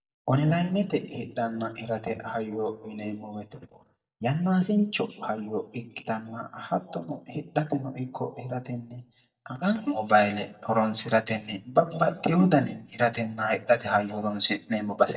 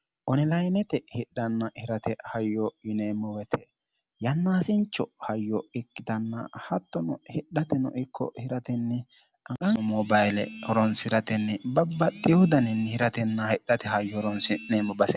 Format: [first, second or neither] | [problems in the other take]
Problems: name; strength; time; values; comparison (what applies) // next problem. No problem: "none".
second | noise reduction (neural mask model DeepFilterNet 3)